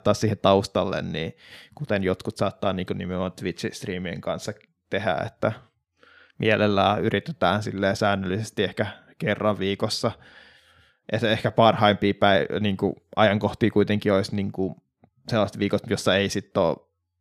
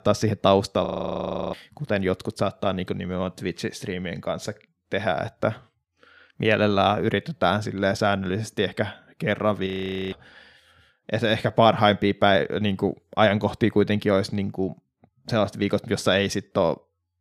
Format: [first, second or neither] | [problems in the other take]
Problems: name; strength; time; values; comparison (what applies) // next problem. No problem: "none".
first | audio freezing; at 1 s for 0.5 s and at 9.5 s